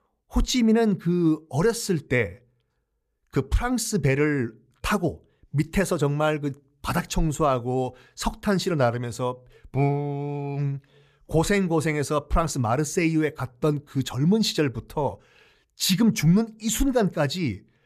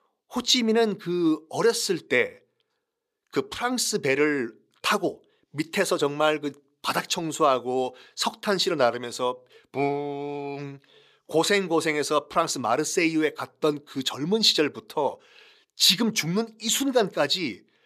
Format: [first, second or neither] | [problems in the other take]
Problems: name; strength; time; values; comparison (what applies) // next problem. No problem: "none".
first | thin; somewhat; fading below 350 Hz